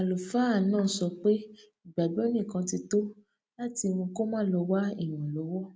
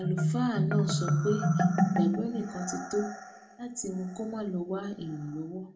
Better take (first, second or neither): first